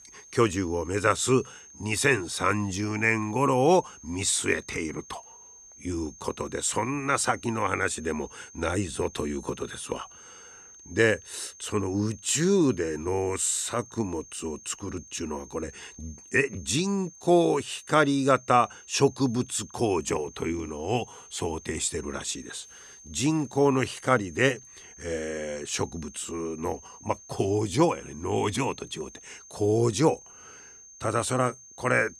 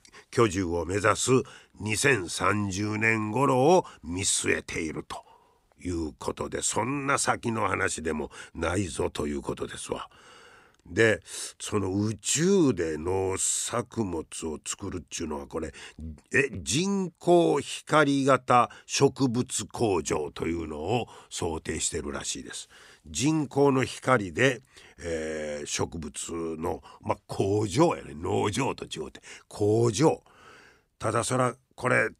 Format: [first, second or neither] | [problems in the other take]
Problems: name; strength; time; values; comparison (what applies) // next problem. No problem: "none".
second | high-pitched whine; faint; throughout; 6.5 kHz, 20 dB below the speech